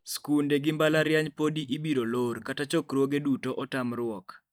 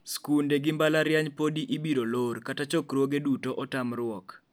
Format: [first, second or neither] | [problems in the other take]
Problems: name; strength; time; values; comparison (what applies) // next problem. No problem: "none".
second | noise reduction (neural mask model DeepFilterNet 3)